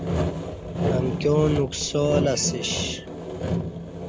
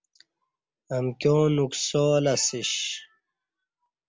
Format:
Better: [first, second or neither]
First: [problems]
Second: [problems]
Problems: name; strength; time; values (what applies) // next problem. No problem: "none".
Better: second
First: background sound (Sawing); 1 dB below the speech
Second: none